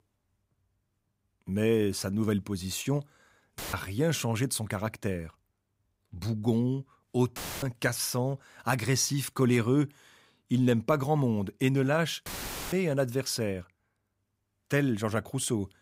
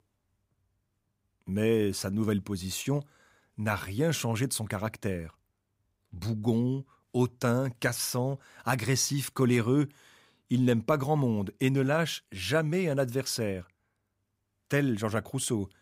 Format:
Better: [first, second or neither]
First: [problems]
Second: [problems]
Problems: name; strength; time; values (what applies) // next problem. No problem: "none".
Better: second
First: audio cutting out; filled with static; at 3.5 s, at 7.5 s and at 12 s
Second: none